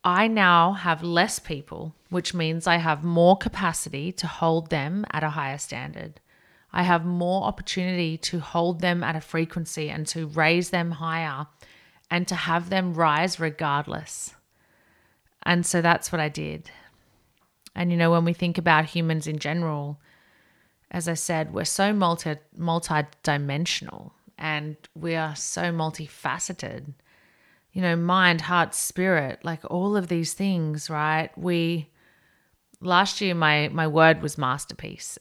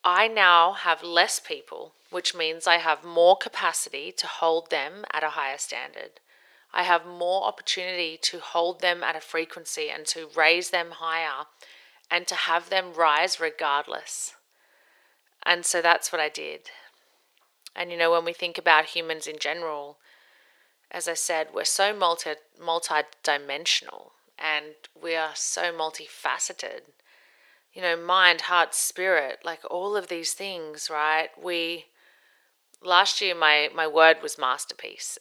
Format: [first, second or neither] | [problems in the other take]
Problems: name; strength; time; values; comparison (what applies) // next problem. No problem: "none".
first | thin; very; fading below 450 Hz